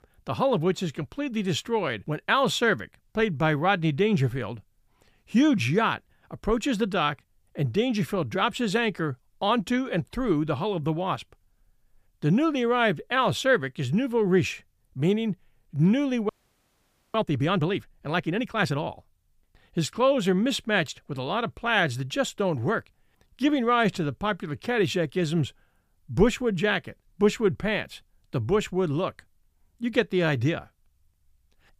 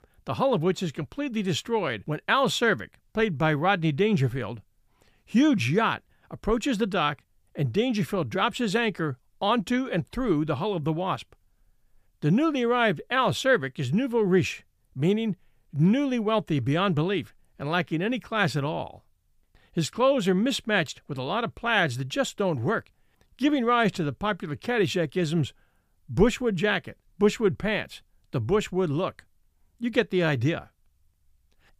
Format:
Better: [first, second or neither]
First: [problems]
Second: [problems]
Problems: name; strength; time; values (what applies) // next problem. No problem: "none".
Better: second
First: audio freezing; at 16 s for 1 s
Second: none